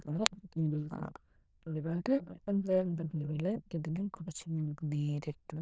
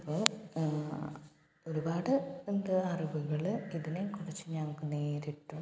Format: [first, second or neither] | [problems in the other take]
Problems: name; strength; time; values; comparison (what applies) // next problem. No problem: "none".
second | noise reduction (neural diffusion model UNIVERSE++)